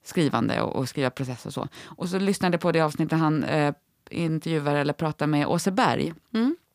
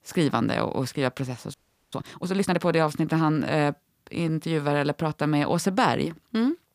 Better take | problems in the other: first | audio freezing; at 1.5 s

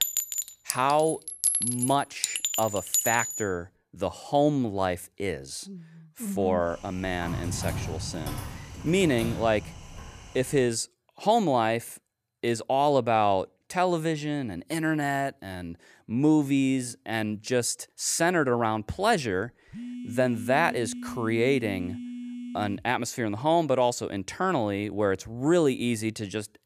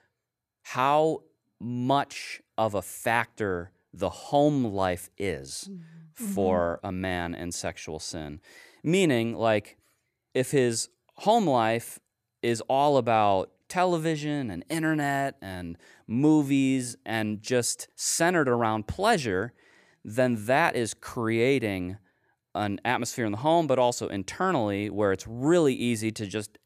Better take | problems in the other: second | clattering dishes; loud; until 3.5 s; peak 4 dB above the speech // keyboard typing; noticeable; from 6.5 to 11 s; peak 5 dB below the speech // phone ringing; faint; from 20 to 23 s; peak 10 dB below the speech

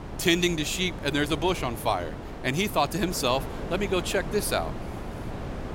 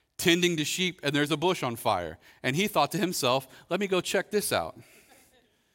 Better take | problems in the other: second | wind noise on the microphone; occasional gusts; 15 dB below the speech

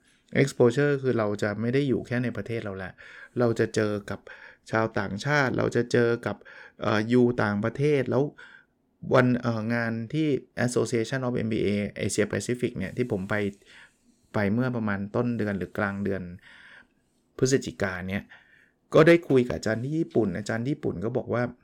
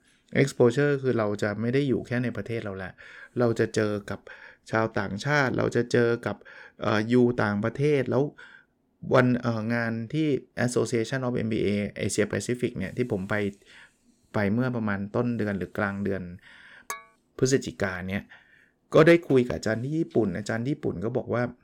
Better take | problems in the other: first | clattering dishes; faint; at 17 s; peak 10 dB below the speech

